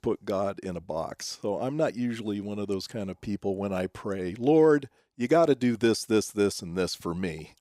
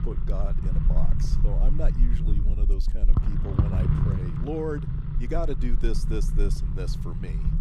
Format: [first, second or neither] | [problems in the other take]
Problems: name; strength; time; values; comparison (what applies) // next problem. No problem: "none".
first | low rumble; loud; throughout; 3 dB below the speech